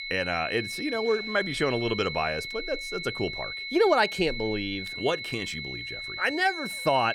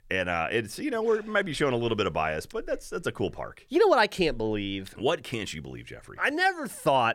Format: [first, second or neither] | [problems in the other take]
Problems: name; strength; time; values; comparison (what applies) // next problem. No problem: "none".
second | high-pitched whine; loud; throughout; 2 kHz, 6 dB below the speech